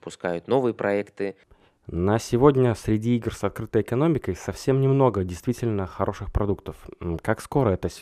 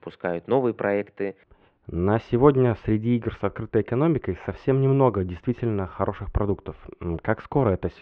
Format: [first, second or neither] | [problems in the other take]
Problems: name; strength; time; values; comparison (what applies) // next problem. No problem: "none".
first | muffled; very; fading above 3 kHz